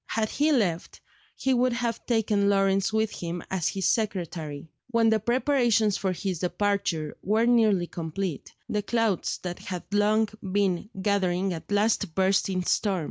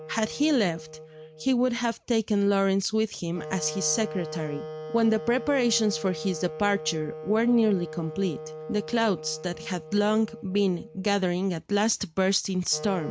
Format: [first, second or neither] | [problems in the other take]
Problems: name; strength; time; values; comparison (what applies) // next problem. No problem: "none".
first | background sound (Wind instrument, woodwind instrument); 13 dB below the speech